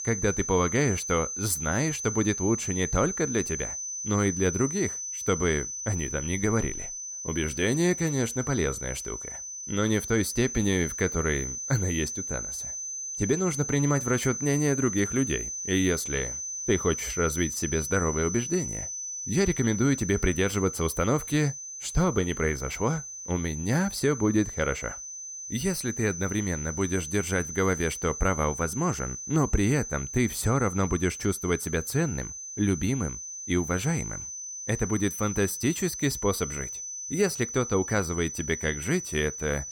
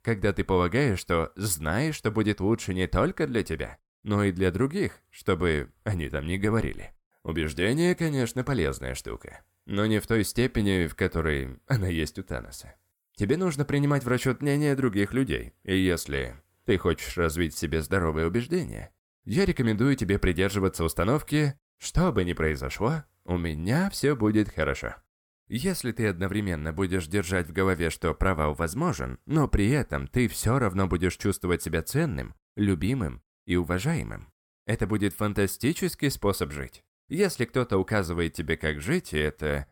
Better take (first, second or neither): second